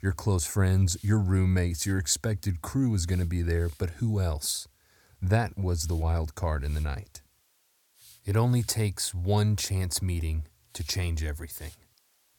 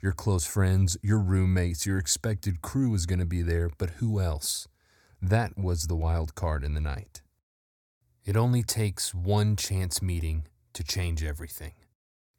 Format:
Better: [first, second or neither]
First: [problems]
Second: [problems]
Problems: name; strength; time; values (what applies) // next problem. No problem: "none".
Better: second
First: hiss; faint; throughout; 30 dB below the speech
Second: none